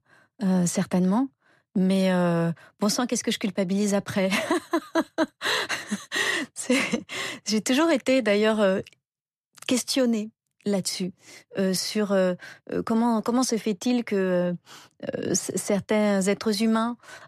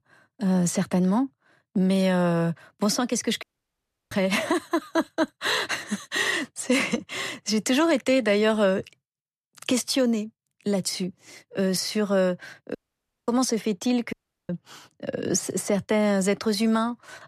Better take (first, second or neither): first